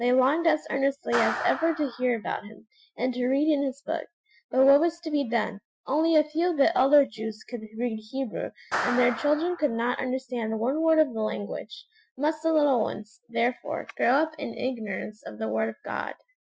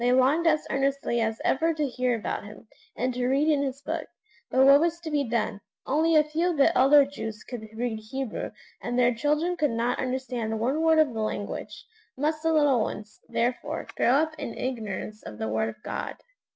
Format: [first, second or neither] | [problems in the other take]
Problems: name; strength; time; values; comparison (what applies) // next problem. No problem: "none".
second | noise reduction (classical method Wiener filter)